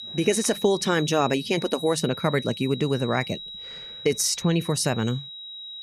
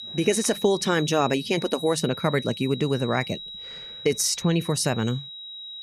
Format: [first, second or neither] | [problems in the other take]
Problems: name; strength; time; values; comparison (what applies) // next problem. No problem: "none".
neither | high-pitched whine; noticeable; throughout; 4 kHz, 10 dB below the speech; the same in both